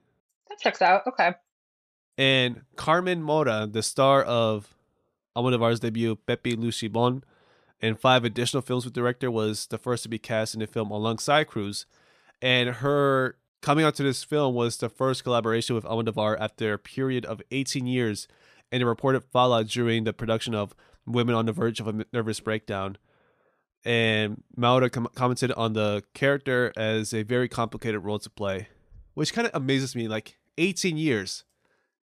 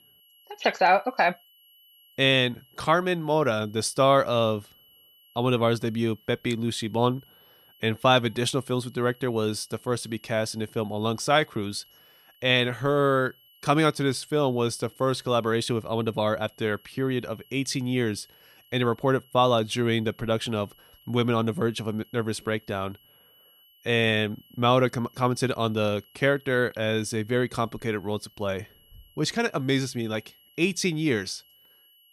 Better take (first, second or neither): first